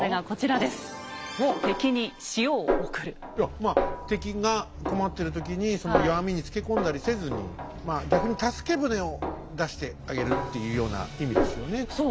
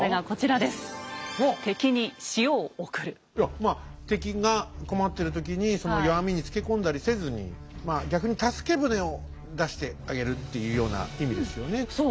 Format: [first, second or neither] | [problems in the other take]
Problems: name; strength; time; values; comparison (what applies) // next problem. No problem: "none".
second | background sound (Snare drum); 5 dB below the speech